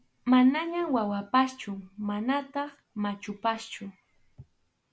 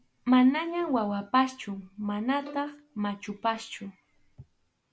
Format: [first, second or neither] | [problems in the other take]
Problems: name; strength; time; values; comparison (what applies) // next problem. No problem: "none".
first | background sound (Bowed string instrument); 20 dB below the speech